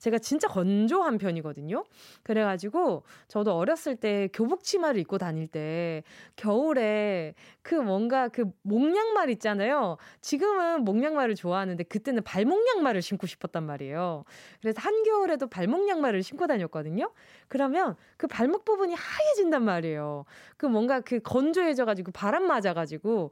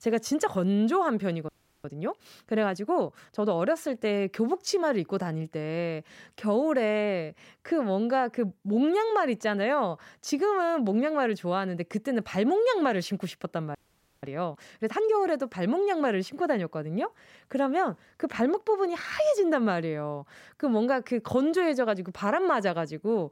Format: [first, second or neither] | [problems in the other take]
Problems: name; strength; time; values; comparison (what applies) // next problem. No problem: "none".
first | audio freezing; at 1.5 s and at 14 s